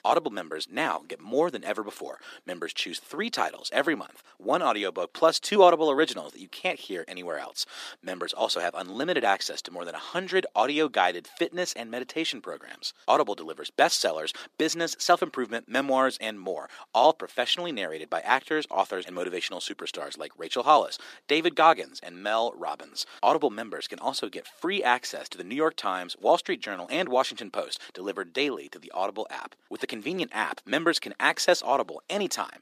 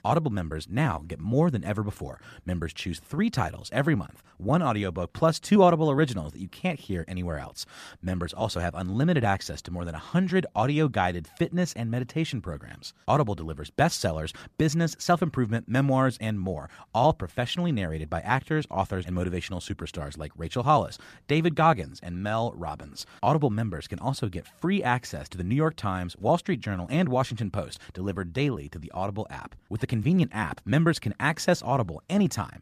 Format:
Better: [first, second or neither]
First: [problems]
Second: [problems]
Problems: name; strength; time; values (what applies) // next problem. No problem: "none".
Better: second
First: thin; very; fading below 300 Hz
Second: none